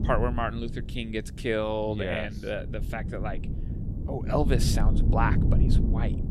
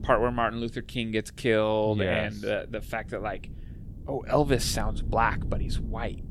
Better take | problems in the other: second | low rumble; loud; throughout; 9 dB below the speech; faint in the second

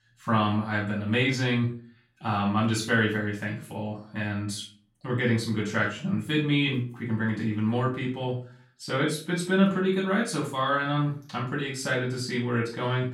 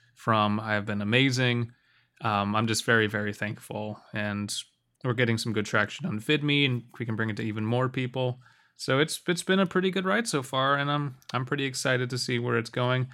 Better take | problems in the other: second | off-mic speech; far // room echo; slight; dies away in 0.3 s

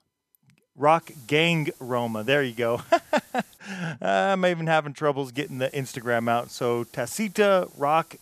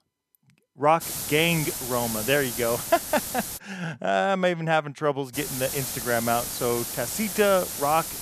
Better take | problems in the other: first | hiss; loud; from 1 to 3.5 s and from 5.5 s on; 5 dB below the speech; faint in the first

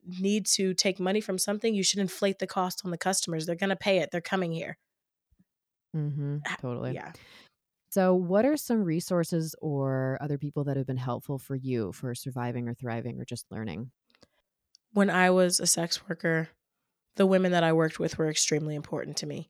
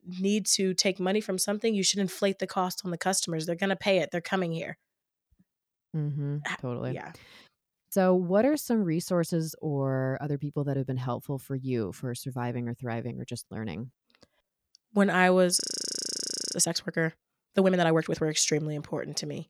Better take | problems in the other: first | audio freezing; at 16 s for 1 s

